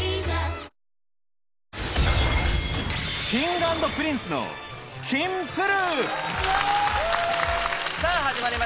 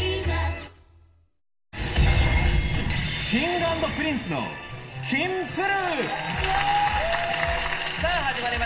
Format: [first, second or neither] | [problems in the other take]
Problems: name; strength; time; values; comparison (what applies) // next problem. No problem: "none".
first | room echo; dies away in 1.2 s